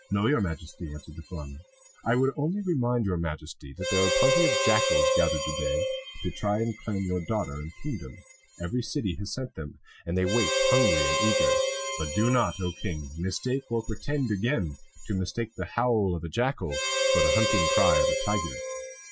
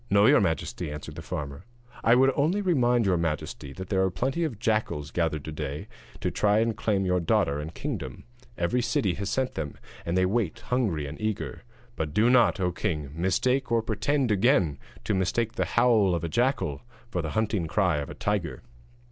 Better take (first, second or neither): second